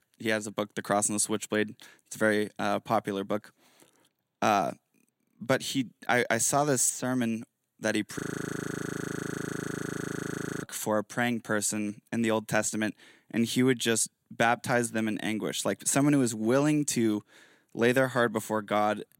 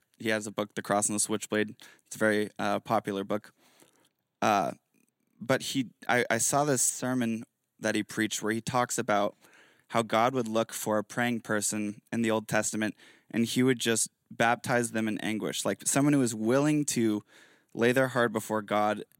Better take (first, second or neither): second